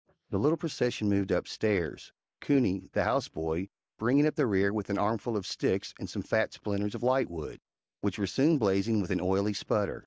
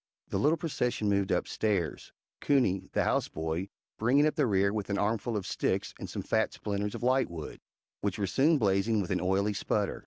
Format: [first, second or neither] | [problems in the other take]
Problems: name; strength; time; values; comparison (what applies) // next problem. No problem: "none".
second | noise reduction (neural mask model Resemble Enhance denoiser)